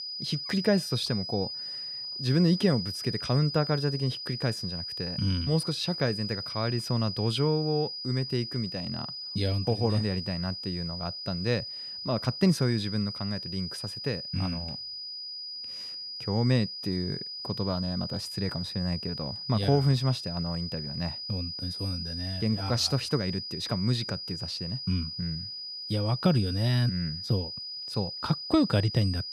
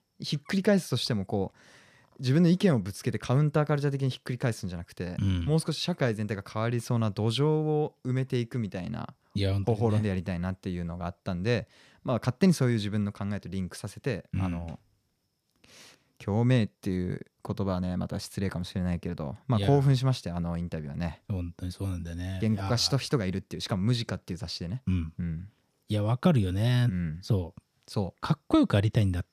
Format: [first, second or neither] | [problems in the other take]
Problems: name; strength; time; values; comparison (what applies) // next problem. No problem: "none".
second | high-pitched whine; loud; throughout; 5 kHz, 5 dB below the speech